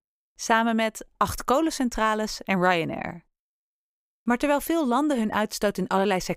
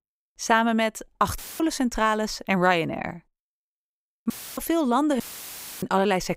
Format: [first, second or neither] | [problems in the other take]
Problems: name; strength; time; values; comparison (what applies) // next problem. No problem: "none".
first | audio cutting out; filled with static; at 1.5 s, at 4.5 s and at 5 s for 0.5 s